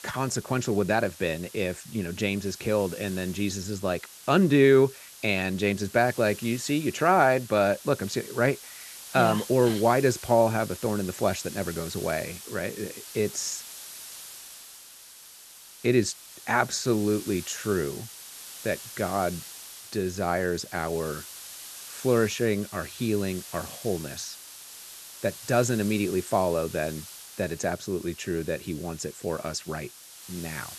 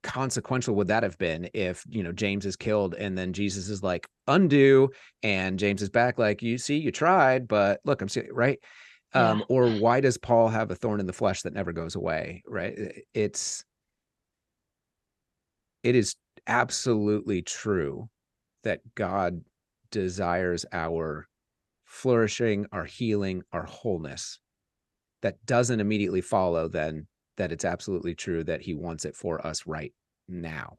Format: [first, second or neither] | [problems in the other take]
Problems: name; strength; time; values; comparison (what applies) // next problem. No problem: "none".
second | hiss; noticeable; throughout; 15 dB below the speech